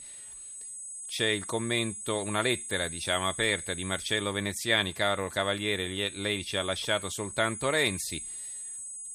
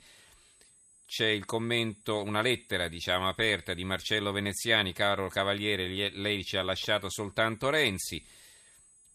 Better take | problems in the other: second | high-pitched whine; loud; throughout; 8 kHz, 9 dB below the speech; faint in the second

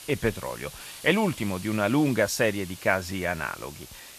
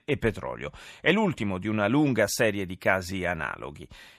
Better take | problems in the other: second | hiss; noticeable; throughout; 15 dB below the speech

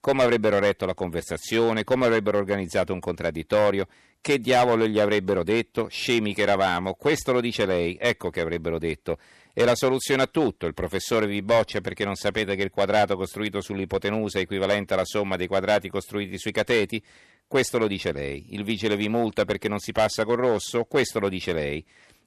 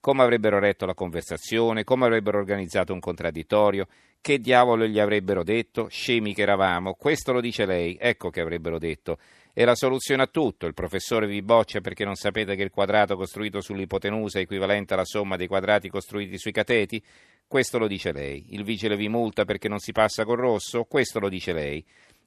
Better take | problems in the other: second | distortion; slight; 3% of the sound clipped

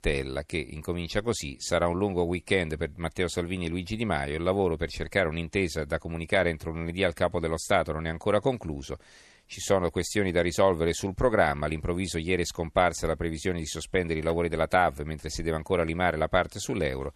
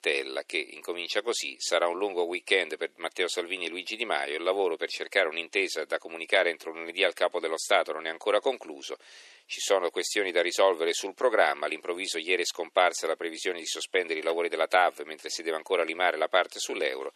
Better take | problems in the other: first | thin; very; fading below 350 Hz

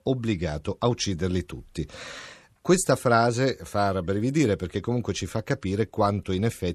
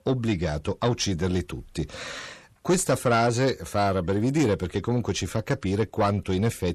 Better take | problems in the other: first | distortion; slight; 10 dB below the speech

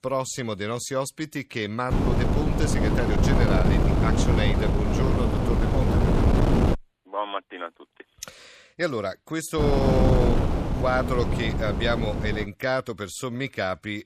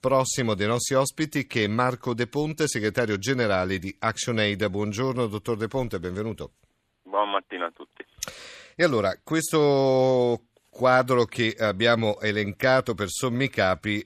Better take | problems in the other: second | wind noise on the microphone; heavy; from 2 to 6.5 s and from 9.5 to 12 s; 1 dB below the speech

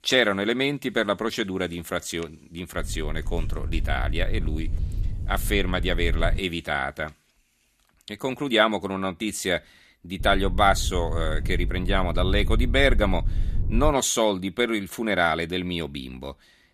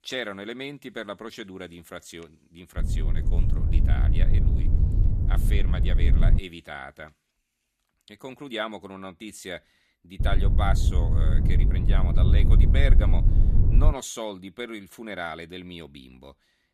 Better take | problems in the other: first | low rumble; loud; from 3 to 6.5 s and from 10 to 14 s; 4 dB below the speech; faint in the first

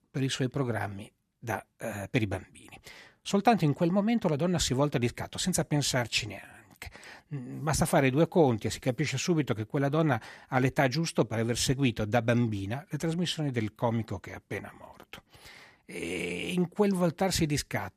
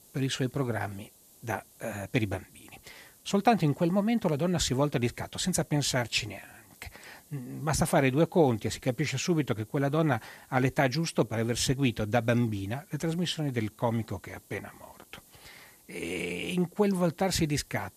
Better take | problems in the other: first | hiss; faint; throughout; 25 dB below the speech

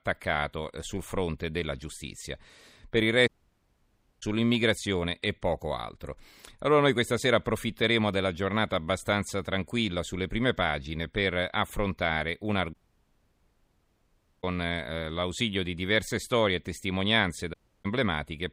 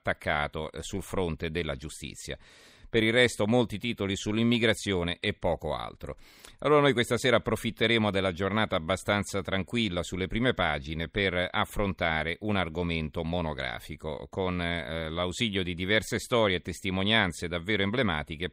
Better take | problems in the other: second | audio cutting out; at 3.5 s for 1 s, at 13 s for 1.5 s and at 18 s

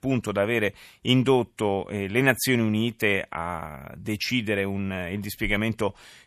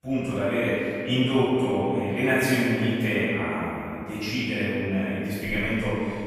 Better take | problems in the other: first | off-mic speech; far // room echo; strong; dies away in 2.4 s

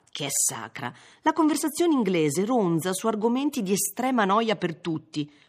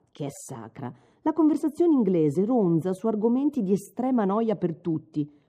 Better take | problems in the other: first | muffled; slightly; fading above 1 kHz

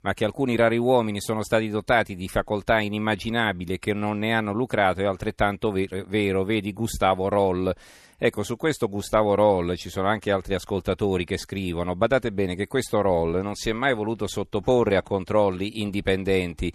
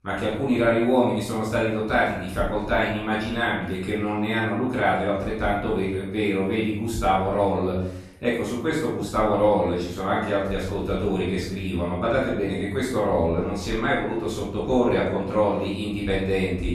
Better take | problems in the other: first | off-mic speech; far // room echo; noticeable; dies away in 0.7 s

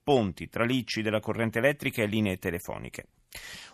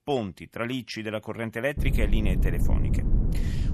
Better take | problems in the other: first | low rumble; loud; from 2 s on; 8 dB below the speech

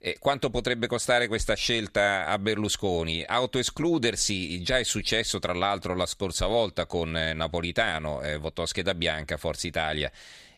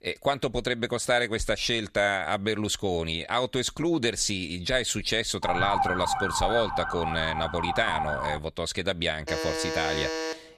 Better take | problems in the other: first | siren; loud; from 5.5 to 8.5 s; peak 1 dB above the speech // alarm; noticeable; from 9.5 s on; peak 2 dB below the speech

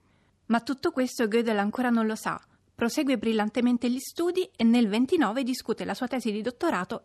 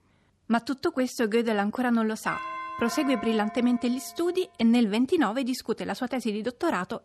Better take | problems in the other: first | doorbell; noticeable; from 2.5 to 4.5 s; peak 7 dB below the speech

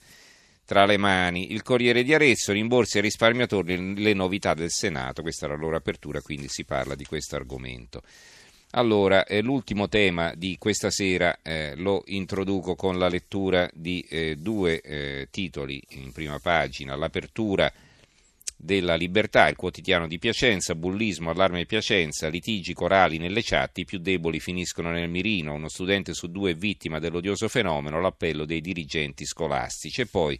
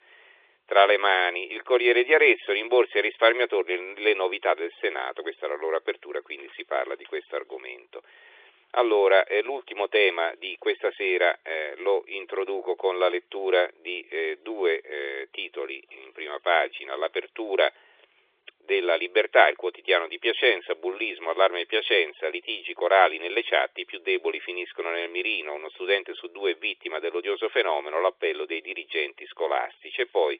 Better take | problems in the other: first | phone-call audio

